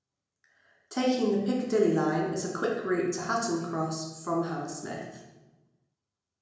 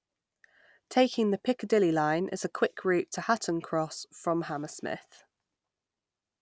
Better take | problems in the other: second | room echo; dies away in 0.8 s

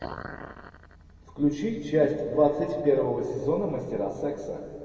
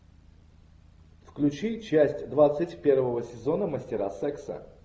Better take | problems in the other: second | room echo; dies away in 2.1 s

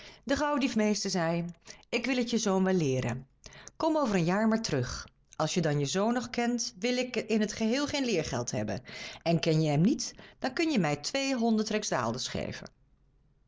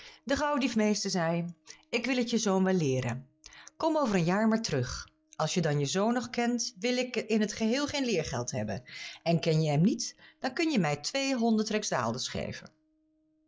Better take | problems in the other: first | noise reduction (classical method log-MMSE)

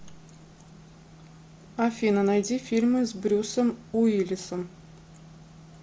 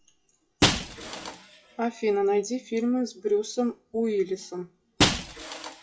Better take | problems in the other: first | noise reduction (classical method WPE with log-MMSE)

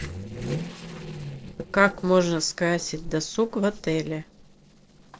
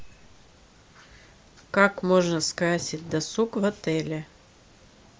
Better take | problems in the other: second | noise reduction (neural separator model SepFormer DNS4)

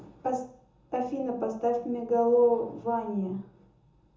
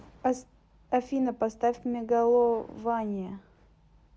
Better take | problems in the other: second | room echo; dies away in 0.6 s

